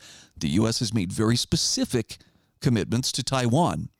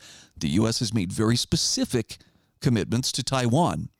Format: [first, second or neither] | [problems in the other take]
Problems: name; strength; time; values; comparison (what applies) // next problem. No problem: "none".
neither | none